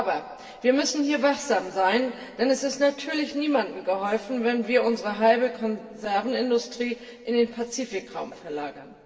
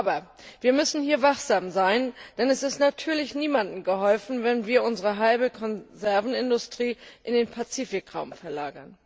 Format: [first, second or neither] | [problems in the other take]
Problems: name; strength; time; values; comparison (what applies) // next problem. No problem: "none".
second | room echo; dies away in 1.8 s